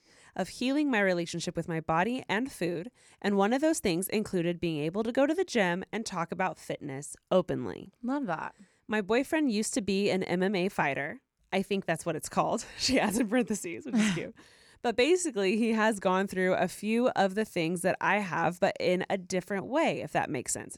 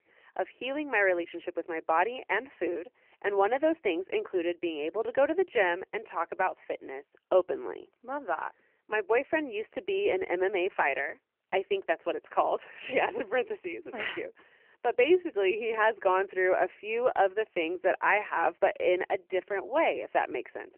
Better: first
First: none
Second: phone-call audio; nothing above 3 kHz

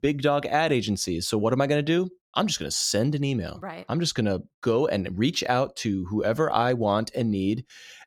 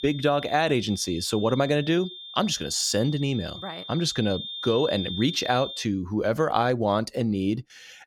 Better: first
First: none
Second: high-pitched whine; noticeable; until 6 s; 3.5 kHz, 10 dB below the speech

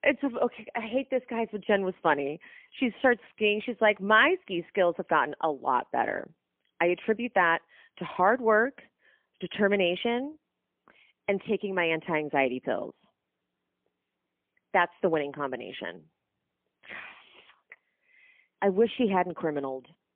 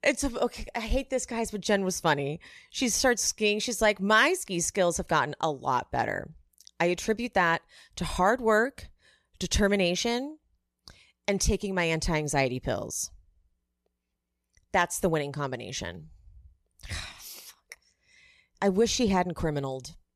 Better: second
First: phone-call audio; poor line; nothing above 3 kHz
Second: none

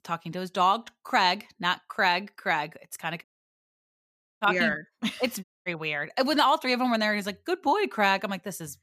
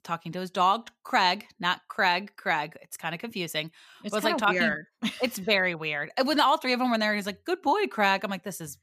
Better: second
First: audio cutting out; at 3 s for 1 s and at 5.5 s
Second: none

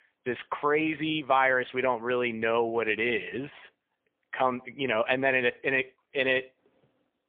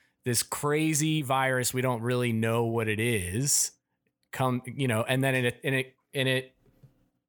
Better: second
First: phone-call audio; poor line; nothing above 3.5 kHz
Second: none

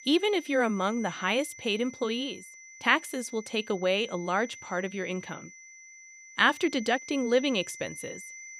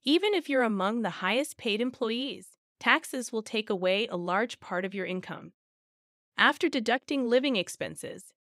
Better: second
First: high-pitched whine; noticeable; throughout; 2 kHz, 15 dB below the speech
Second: none

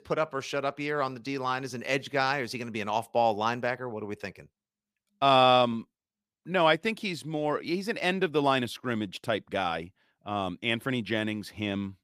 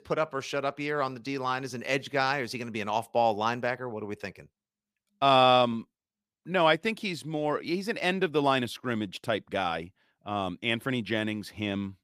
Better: neither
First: none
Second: none

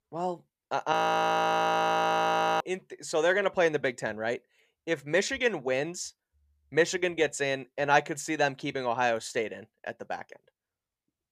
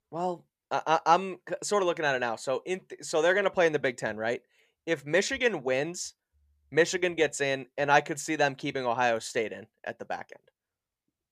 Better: second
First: audio freezing; at 1 s for 1.5 s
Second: none

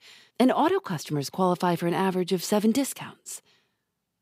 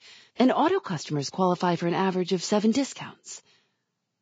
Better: first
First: none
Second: garbled, watery; badly; nothing above 7.5 kHz

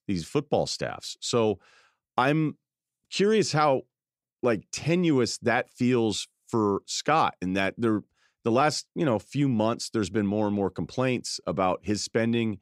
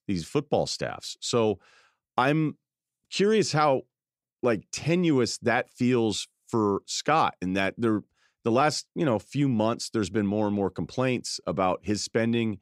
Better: neither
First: none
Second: none

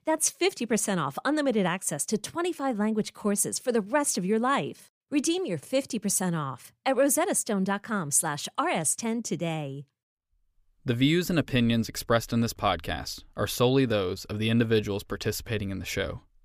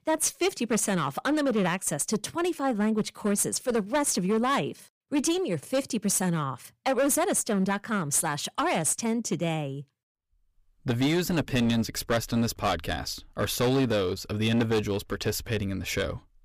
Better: first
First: none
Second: distortion; slight; 9% of the sound clipped

